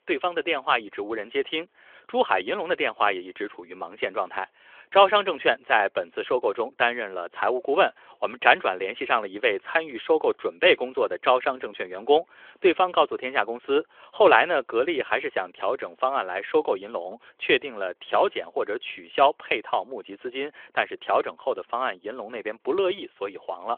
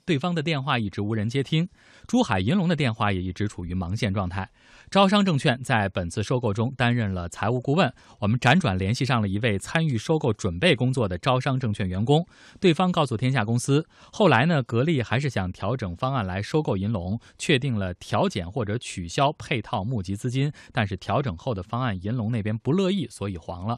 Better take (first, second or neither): second